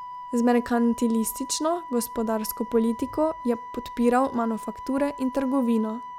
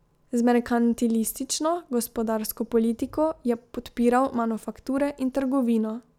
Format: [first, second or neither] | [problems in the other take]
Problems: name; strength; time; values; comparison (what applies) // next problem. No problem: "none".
second | background sound (Wind instrument, woodwind instrument); 13 dB below the speech